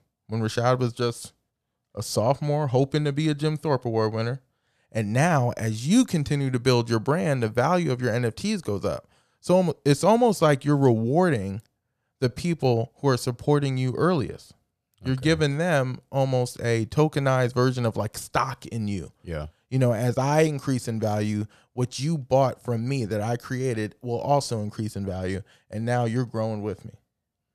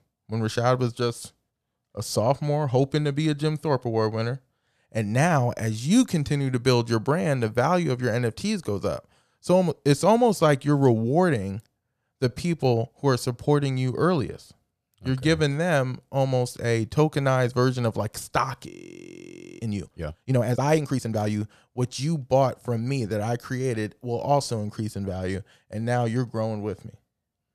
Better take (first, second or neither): first